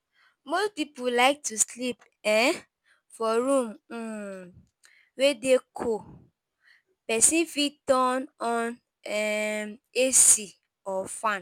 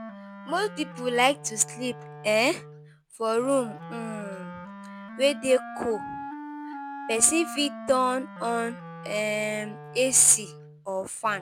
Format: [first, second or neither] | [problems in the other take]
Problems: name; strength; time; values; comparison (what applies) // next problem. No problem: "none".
first | background sound (Wind instrument, woodwind instrument); 13 dB below the speech